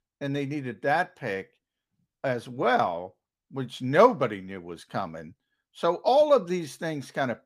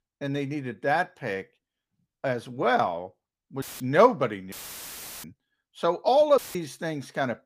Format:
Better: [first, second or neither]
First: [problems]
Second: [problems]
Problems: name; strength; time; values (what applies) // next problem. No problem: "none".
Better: first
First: none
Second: audio cutting out; filled with static; at 3.5 s, at 4.5 s for 0.5 s and at 6.5 s